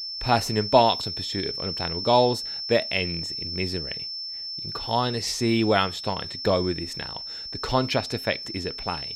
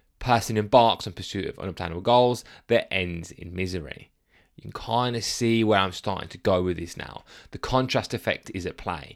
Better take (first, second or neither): second